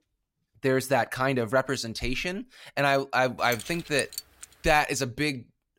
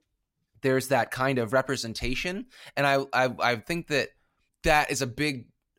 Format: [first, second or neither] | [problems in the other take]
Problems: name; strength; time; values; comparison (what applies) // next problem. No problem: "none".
second | jangling keys; noticeable; from 3.5 to 4.5 s; peak 9 dB below the speech